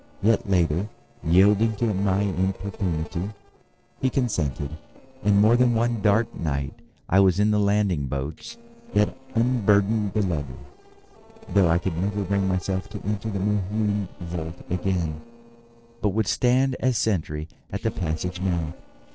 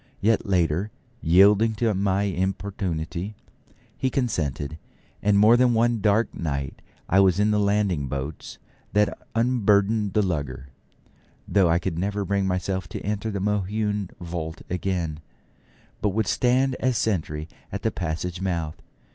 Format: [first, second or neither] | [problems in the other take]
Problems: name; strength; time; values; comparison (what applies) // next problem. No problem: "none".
second | noise reduction (neural separator model SepFormer DNS4)